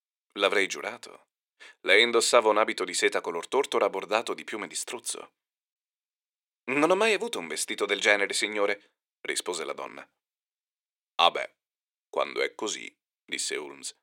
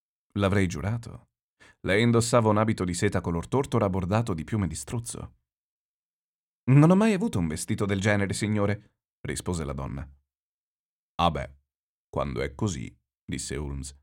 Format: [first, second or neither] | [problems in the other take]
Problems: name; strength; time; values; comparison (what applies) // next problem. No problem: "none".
second | thin; very; fading below 400 Hz